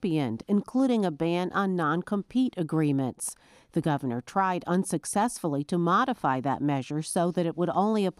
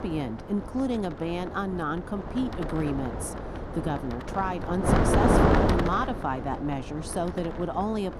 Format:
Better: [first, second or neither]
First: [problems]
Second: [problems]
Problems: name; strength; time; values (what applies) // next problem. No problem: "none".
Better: first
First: none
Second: wind noise on the microphone; heavy; 2 dB above the speech